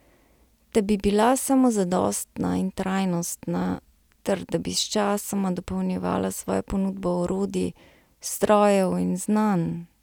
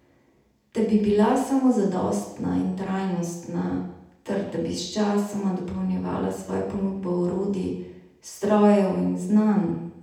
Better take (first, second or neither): first